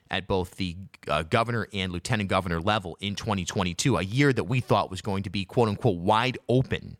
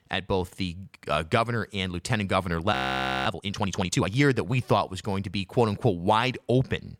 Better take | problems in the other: first | audio freezing; at 2.5 s for 0.5 s

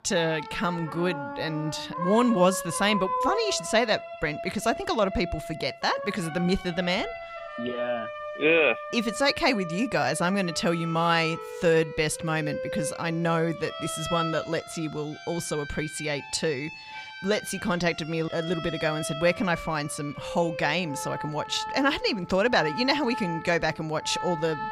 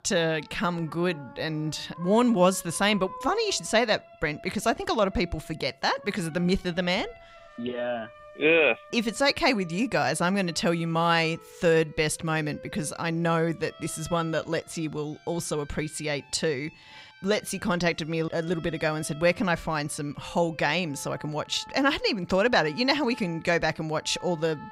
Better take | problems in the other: second | background music; loud; throughout; 9 dB below the speech; faint in the second

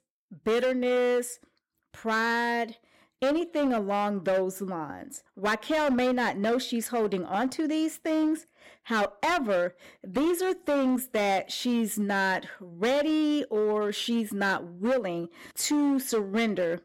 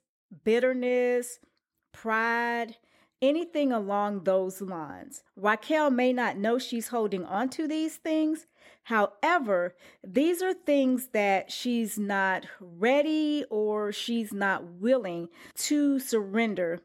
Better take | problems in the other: second | distortion; slight; 13% of the sound clipped

